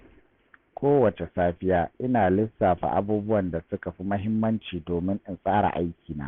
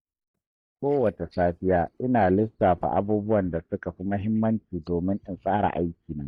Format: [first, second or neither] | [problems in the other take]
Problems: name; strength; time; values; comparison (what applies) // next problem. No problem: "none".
first | noise reduction (neural mask model DeepFilterNet 3)